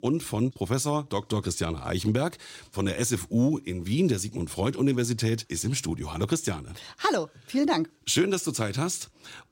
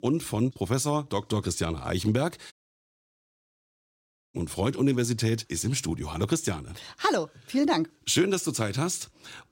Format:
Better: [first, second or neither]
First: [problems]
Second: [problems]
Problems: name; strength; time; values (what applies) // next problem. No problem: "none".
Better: first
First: none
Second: audio cutting out; at 2.5 s for 2 s